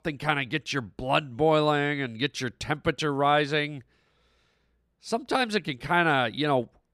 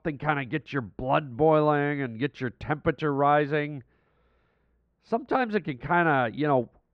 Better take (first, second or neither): first